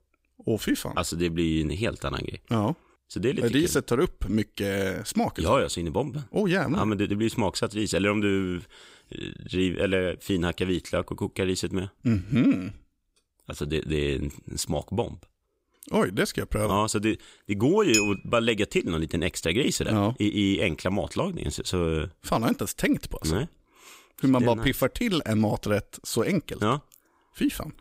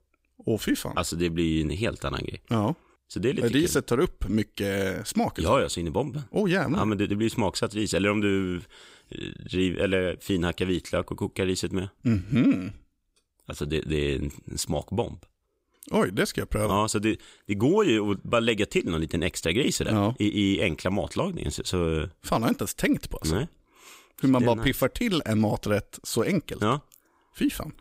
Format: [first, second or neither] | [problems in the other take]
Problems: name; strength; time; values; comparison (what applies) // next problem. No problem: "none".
second | clattering dishes; loud; at 18 s; peak 1 dB above the speech